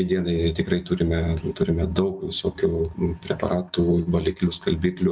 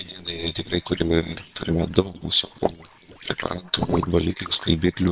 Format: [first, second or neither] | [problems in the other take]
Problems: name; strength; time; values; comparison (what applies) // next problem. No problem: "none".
first | noise reduction (neural separator model SepFormer WHAM!)